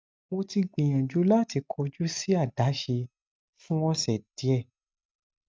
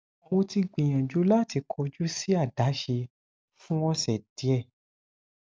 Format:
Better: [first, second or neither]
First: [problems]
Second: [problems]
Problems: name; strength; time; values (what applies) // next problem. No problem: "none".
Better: second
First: noise reduction (neural mask model DeepFilterNet 3)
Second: none